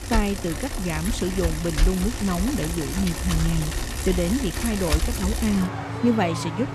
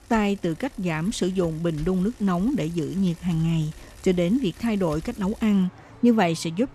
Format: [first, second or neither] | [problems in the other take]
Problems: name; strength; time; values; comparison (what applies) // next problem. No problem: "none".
second | traffic noise; loud; throughout; 2 dB below the speech; faint in the second